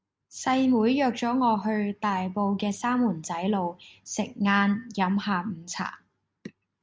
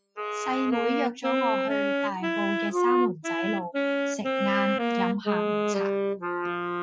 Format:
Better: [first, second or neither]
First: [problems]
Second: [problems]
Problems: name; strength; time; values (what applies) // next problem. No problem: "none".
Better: first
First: none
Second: noise reduction (classical method Wiener filter)